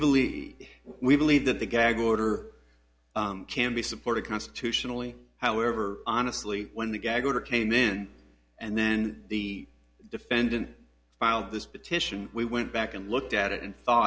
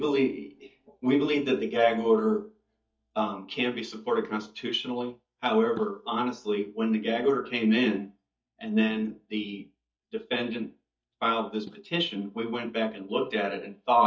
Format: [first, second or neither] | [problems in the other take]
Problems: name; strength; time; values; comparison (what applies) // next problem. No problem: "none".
first | noise reduction (neural mask model DeepFilterNet 3)